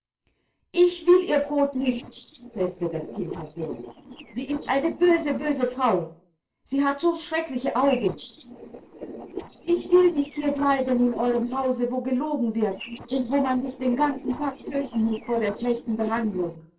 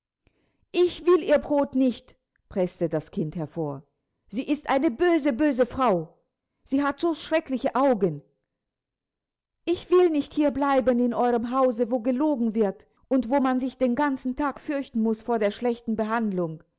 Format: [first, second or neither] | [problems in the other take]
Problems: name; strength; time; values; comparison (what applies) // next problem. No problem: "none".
second | noise reduction (neural separator model SepFormer DNS4)